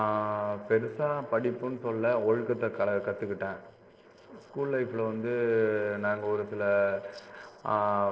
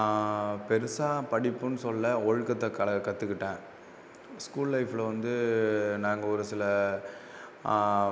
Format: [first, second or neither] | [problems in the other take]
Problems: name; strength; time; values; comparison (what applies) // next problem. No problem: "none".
second | noise reduction (neural separator model SepFormer DNS4)